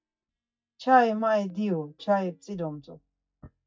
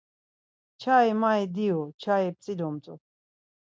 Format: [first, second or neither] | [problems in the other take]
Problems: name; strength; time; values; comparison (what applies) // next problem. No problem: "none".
second | noise reduction (neural mask model DeepFilterNet 3)